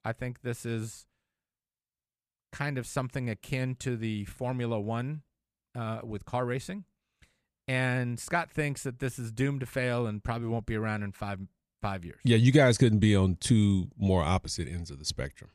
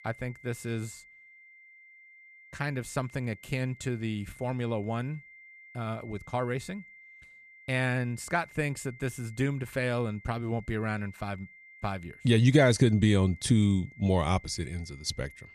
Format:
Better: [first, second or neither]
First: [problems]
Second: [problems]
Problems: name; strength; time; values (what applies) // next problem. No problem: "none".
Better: first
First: none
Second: high-pitched whine; faint; throughout; 2 kHz, 20 dB below the speech